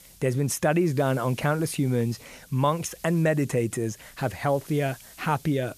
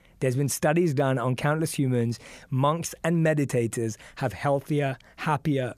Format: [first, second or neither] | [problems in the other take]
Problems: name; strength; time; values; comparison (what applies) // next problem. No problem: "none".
second | hiss; faint; throughout; 20 dB below the speech